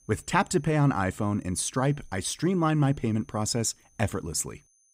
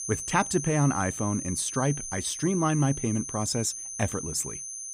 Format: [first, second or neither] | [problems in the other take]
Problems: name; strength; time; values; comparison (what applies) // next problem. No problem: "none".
first | high-pitched whine; loud; throughout; 6 kHz, 6 dB below the speech; faint in the first